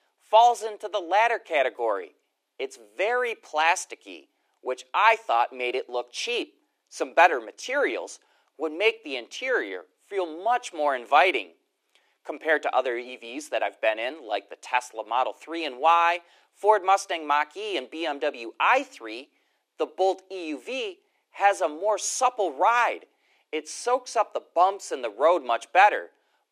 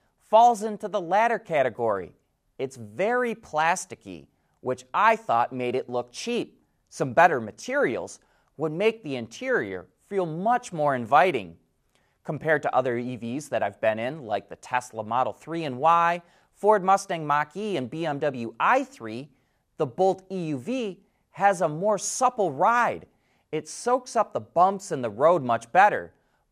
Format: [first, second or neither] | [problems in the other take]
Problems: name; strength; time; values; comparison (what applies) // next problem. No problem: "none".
second | thin; somewhat; fading below 300 Hz